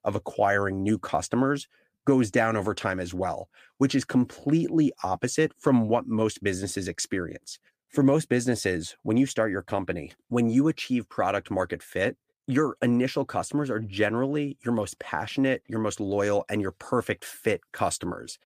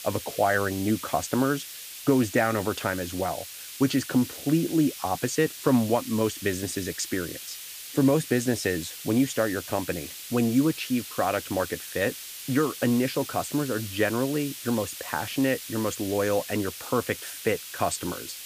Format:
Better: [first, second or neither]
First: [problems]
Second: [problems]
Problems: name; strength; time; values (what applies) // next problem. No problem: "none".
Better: first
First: none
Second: hiss; noticeable; throughout; 10 dB below the speech